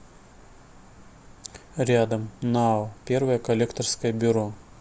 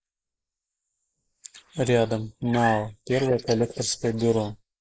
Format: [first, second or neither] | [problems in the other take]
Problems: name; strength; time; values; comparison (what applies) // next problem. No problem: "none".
first | noise reduction (neural mask model Resemble Enhance denoiser)